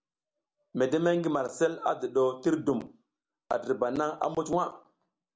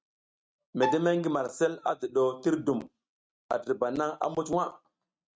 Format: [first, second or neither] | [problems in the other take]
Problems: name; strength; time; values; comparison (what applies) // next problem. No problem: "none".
first | noise reduction (neural mask model RNNoise)